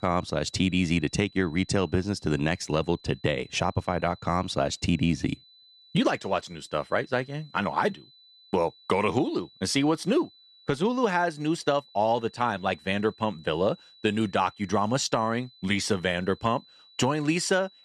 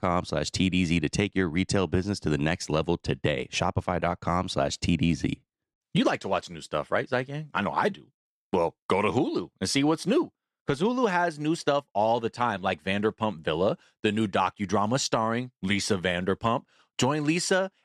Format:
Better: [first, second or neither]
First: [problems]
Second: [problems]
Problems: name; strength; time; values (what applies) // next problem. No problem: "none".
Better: second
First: high-pitched whine; faint; throughout; 4 kHz, 25 dB below the speech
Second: none